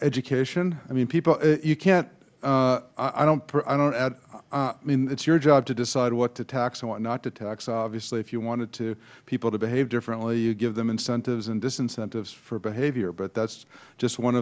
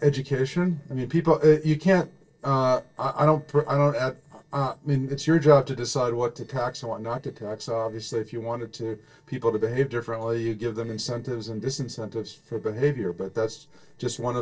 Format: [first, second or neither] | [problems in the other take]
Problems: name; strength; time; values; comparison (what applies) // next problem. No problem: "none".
first | noise reduction (neural separator model SepFormer DNS4)